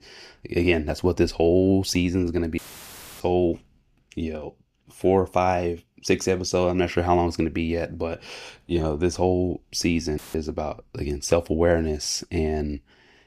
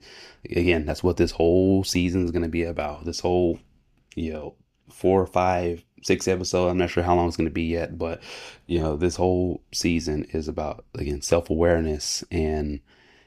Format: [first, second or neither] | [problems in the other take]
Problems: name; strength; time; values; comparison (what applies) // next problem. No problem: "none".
second | audio cutting out; filled with static; at 2.5 s for 0.5 s and at 10 s